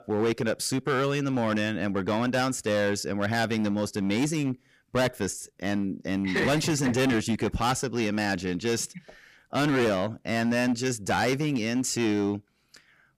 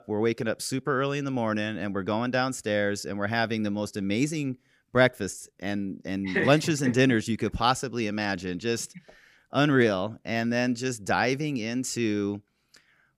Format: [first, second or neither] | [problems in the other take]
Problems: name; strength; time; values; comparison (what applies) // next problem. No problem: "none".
second | distortion; heavy; 12% of the sound clipped